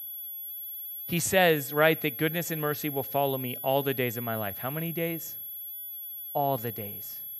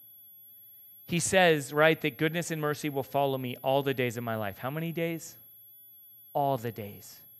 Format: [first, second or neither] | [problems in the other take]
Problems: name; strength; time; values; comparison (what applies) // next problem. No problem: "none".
second | high-pitched whine; loud; throughout; 11.5 kHz, 7 dB below the speech; faint in the second